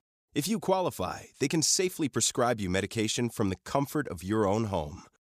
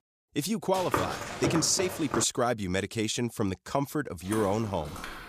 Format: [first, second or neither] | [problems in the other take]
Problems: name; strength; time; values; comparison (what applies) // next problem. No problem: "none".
first | footsteps; noticeable; from 1 to 2 s and from 4.5 s on; peak 1 dB below the speech